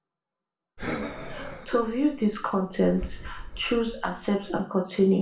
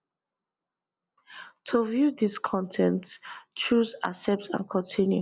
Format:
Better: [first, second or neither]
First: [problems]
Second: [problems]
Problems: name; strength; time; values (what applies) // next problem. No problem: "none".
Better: second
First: background sound (Breathing); 10 dB below the speech // room echo; dies away in 0.4 s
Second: none